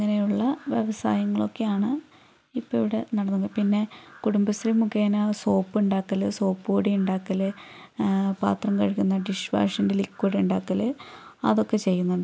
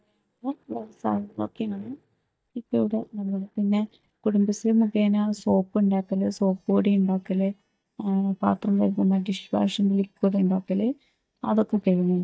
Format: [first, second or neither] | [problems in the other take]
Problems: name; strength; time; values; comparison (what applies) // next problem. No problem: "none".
first | noise reduction (neural mask model DeepFilterNet 3)